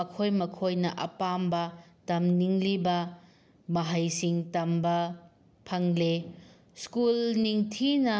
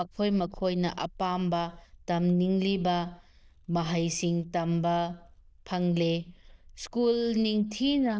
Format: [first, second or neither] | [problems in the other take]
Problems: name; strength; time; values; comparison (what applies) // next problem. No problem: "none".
first | noise reduction (neural diffusion model UNIVERSE++)